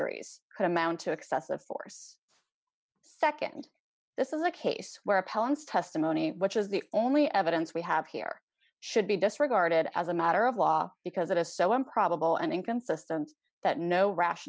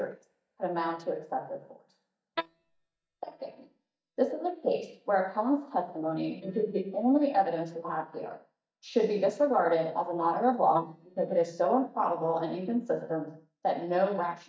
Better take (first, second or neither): first